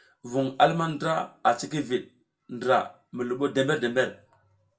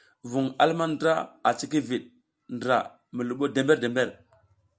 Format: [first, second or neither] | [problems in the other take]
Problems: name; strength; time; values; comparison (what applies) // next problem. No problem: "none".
second | room echo; dies away in 0.2 s